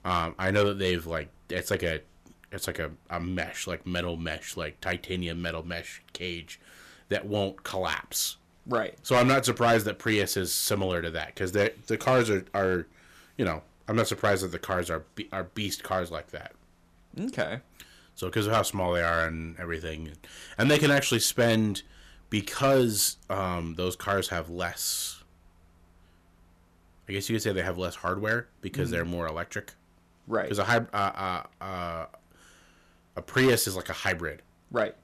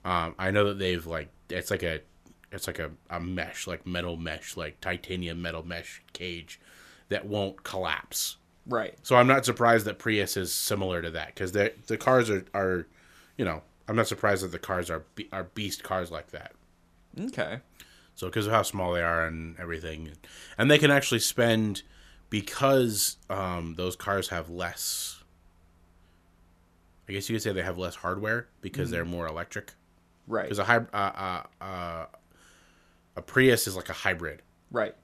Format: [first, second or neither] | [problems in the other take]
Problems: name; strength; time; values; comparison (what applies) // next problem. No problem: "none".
second | distortion; slight; 1.6% of the sound clipped